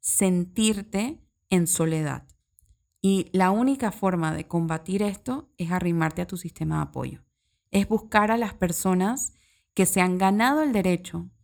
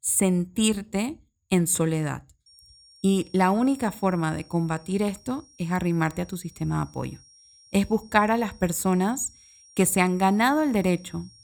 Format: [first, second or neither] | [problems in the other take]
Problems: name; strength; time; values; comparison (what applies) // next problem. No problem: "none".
first | high-pitched whine; faint; from 2.5 s on; 5.5 kHz, 25 dB below the speech